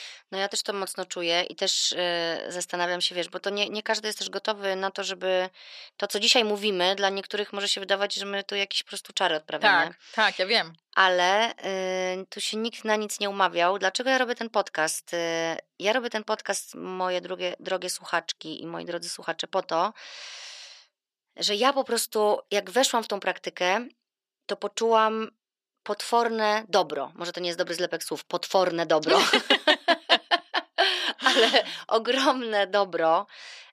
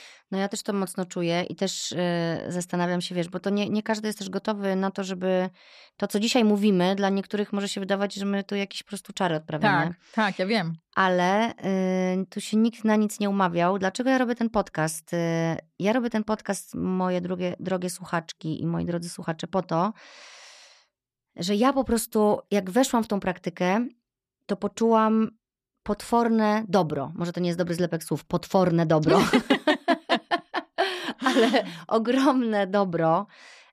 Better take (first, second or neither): second